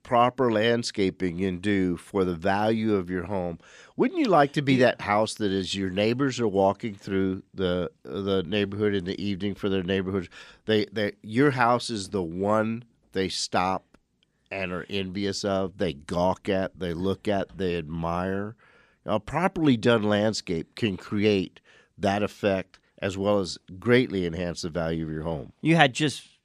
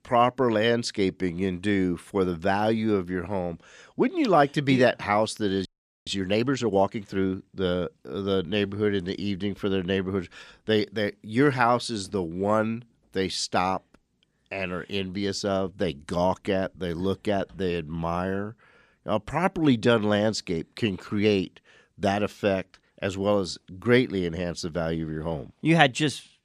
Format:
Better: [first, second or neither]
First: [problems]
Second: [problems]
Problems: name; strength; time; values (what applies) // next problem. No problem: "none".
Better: first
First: none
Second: audio freezing; at 5.5 s